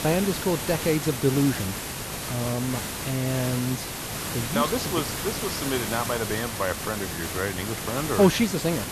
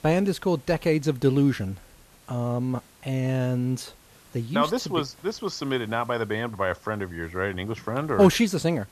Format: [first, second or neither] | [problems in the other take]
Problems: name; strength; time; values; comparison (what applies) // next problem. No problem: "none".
second | hiss; loud; throughout; 4 dB below the speech; faint in the second